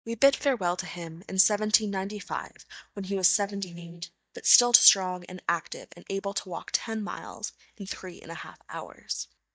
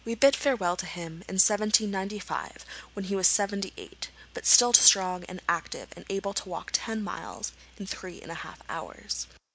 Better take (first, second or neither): second